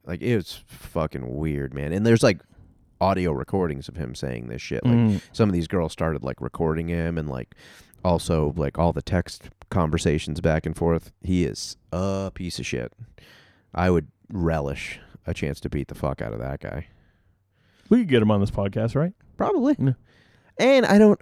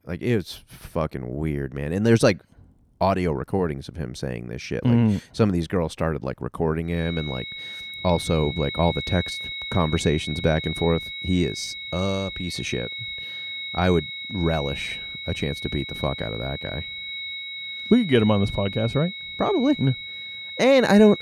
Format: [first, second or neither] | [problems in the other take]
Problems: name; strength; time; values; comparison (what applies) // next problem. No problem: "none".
first | high-pitched whine; loud; from 7 s on; 4 kHz, 8 dB below the speech